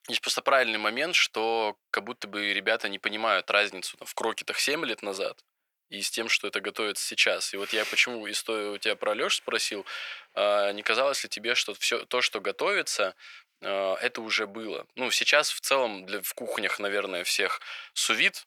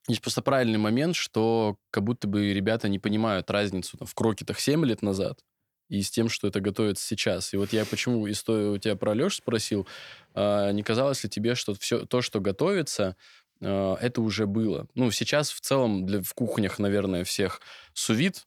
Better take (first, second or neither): second